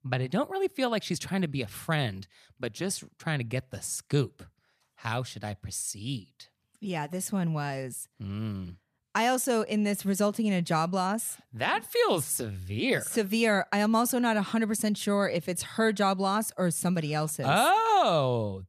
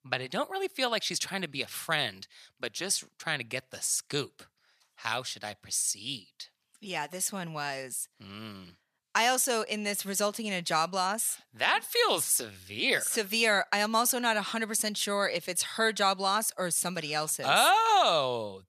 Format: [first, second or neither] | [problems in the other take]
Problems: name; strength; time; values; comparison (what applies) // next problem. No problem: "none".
first | thin; somewhat; fading below 850 Hz